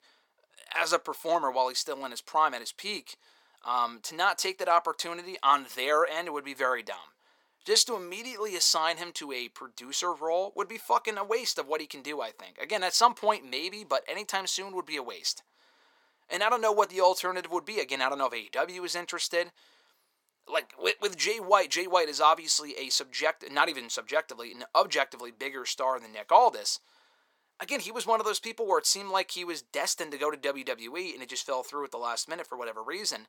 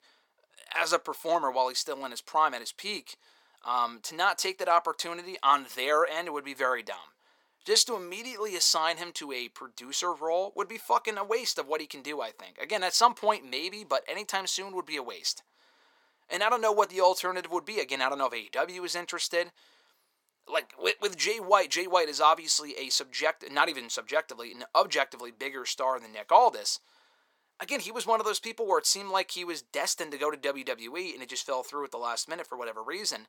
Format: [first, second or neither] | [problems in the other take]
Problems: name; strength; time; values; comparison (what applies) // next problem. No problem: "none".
neither | thin; very; fading below 450 Hz; the same in both